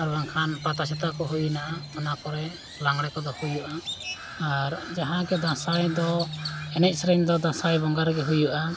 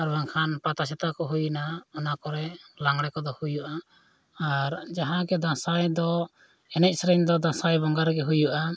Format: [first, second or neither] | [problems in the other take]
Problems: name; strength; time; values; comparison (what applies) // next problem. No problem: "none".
second | background sound (Crow); 11 dB below the speech